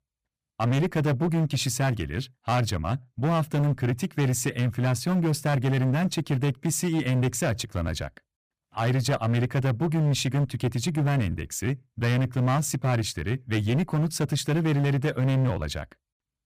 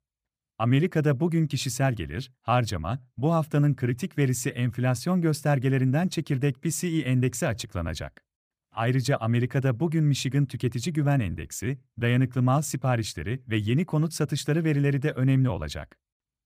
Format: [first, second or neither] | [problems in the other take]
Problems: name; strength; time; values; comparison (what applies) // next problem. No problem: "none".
second | distortion; slight; 16% of the sound clipped